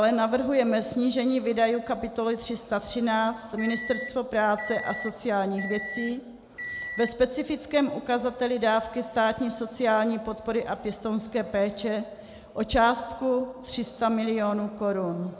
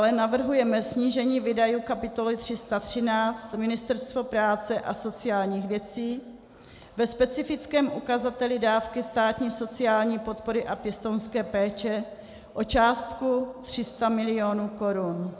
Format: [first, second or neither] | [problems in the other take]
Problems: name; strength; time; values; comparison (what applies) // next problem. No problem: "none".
second | background sound (Microwave oven); 11 dB below the speech